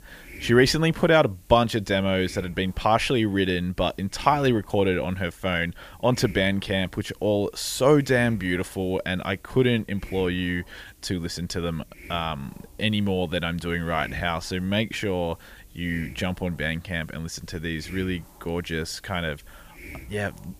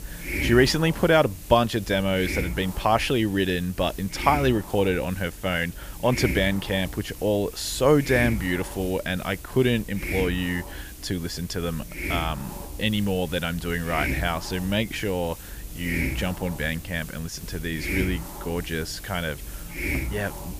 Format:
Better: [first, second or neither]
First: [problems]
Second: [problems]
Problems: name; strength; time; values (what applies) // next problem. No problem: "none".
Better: first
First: hiss; faint; throughout; 20 dB below the speech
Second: hiss; loud; throughout; 8 dB below the speech